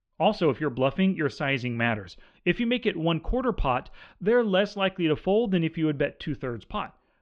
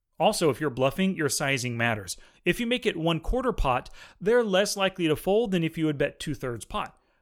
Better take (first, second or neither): second